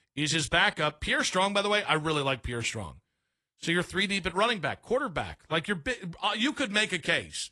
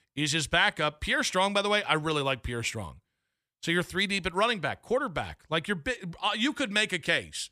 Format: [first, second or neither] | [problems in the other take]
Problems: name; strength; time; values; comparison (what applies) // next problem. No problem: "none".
second | garbled, watery; slightly